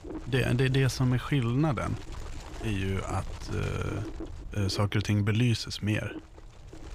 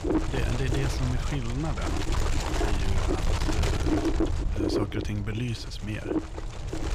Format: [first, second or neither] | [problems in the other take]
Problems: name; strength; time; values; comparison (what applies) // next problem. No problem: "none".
first | wind noise on the microphone; heavy; 5 dB above the speech; occasional gusts in the first